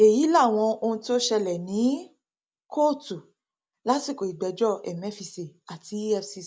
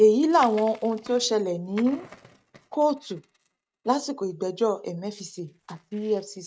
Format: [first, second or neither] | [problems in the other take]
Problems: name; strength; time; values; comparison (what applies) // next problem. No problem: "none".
first | noise reduction (neural mask model RNNoise)